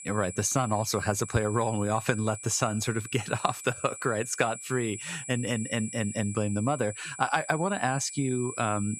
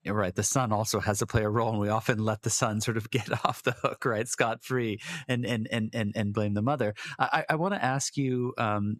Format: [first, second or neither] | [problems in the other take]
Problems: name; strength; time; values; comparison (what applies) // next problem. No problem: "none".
second | high-pitched whine; noticeable; throughout; 7.5 kHz, 10 dB below the speech